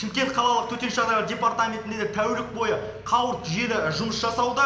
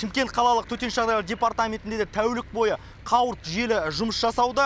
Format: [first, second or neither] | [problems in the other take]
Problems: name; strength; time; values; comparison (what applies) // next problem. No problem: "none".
second | room echo; dies away in 0.8 s